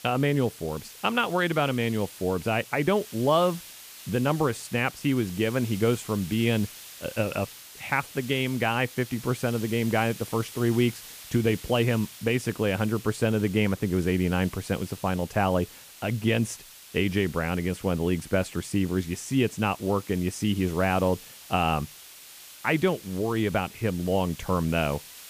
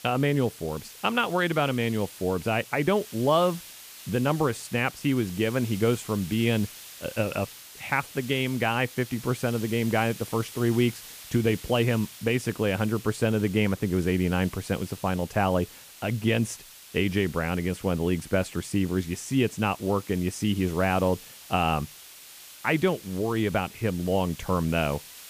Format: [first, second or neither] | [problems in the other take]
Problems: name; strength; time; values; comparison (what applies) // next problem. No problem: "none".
neither | hiss; noticeable; throughout; 15 dB below the speech; the same in both